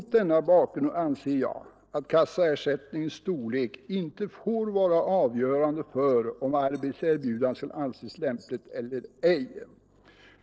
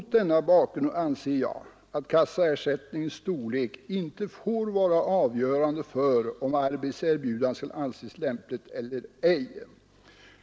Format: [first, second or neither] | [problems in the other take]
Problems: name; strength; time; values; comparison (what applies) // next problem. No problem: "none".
second | noise reduction (neural separator model SepFormer DNS4)